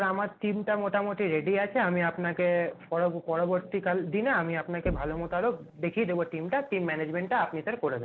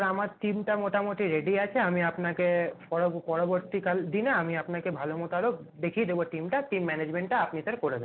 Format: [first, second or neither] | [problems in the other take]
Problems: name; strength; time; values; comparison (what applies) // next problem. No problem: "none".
second | background sound (Knock); 14 dB below the speech